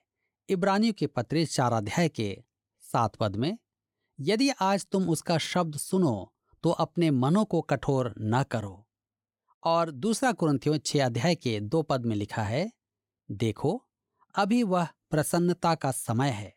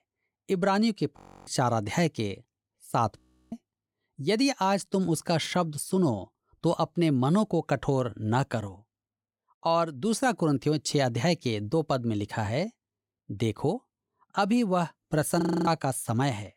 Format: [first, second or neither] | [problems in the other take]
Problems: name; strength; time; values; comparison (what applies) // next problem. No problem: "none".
first | audio freezing; at 1 s, at 3 s and at 15 s